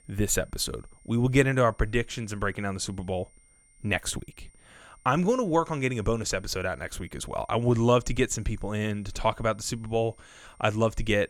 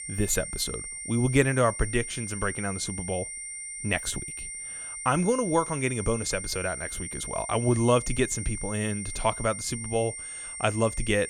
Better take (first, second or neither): first